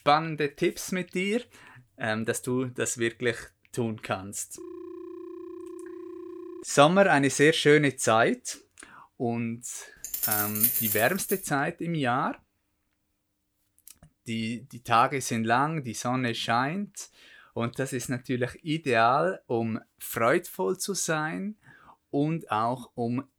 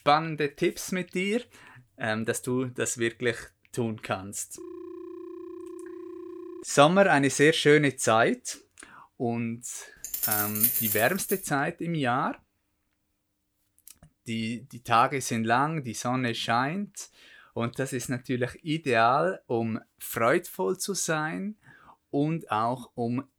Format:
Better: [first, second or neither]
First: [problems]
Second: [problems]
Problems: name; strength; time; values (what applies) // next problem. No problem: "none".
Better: neither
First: phone ringing; faint; from 4.5 to 6.5 s; peak 15 dB below the speech // jangling keys; loud; from 10 to 11 s; peak 4 dB above the speech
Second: phone ringing; faint; from 4.5 to 6.5 s; peak 15 dB below the speech // jangling keys; loud; from 10 to 11 s; peak 4 dB above the speech